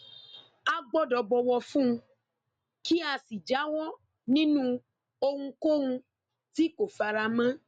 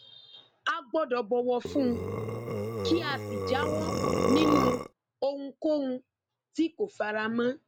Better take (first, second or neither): first